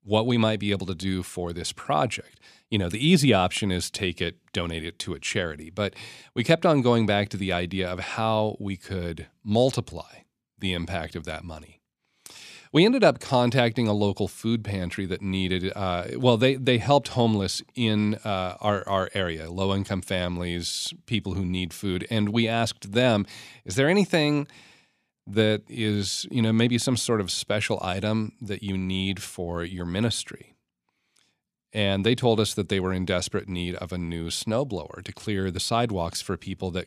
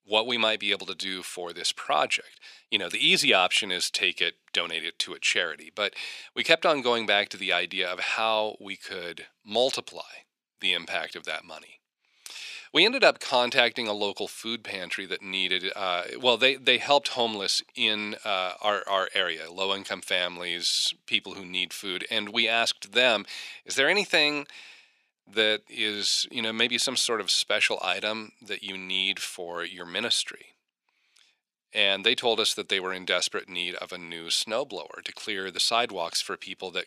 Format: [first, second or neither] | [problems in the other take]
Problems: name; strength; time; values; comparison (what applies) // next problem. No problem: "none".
first | thin; somewhat; fading below 450 Hz